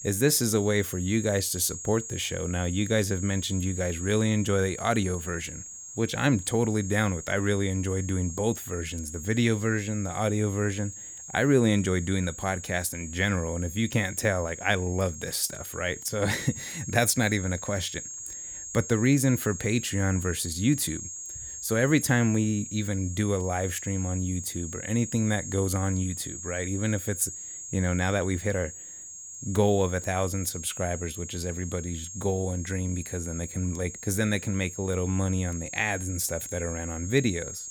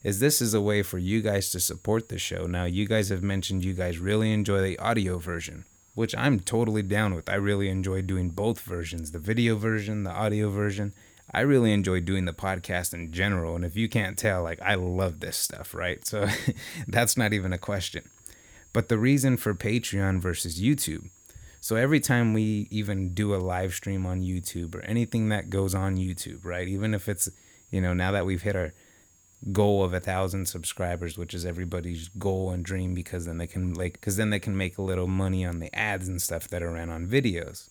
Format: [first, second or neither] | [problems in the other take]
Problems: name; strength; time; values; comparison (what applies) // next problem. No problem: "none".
second | high-pitched whine; loud; throughout; 6.5 kHz, 10 dB below the speech; faint in the second